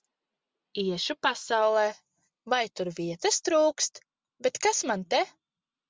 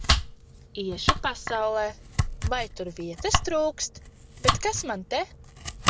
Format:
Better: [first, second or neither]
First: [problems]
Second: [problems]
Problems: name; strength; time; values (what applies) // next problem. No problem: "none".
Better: first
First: none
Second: background sound (Domestic sounds, home sounds); 2 dB above the speech